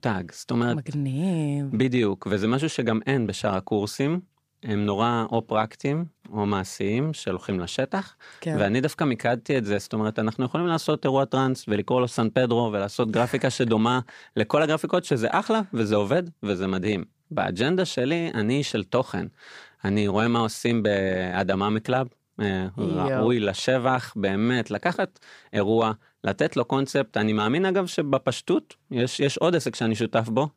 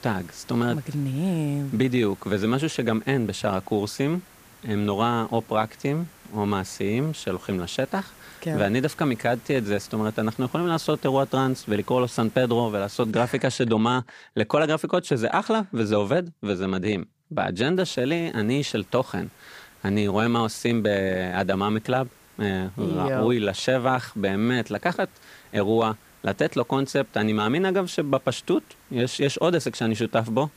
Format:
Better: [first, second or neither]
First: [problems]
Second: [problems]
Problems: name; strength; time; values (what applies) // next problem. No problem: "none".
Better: first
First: none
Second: hiss; faint; until 13 s and from 18 s on; 25 dB below the speech